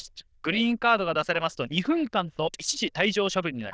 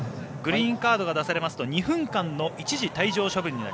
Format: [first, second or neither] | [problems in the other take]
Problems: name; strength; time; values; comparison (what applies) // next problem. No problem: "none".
second | noise reduction (neural diffusion model UNIVERSE++)